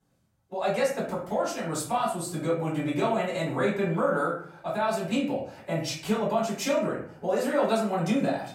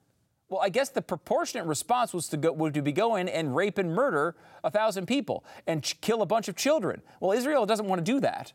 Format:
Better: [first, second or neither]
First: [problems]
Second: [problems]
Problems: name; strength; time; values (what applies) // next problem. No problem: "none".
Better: second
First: off-mic speech; far // room echo; slight; dies away in 0.5 s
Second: none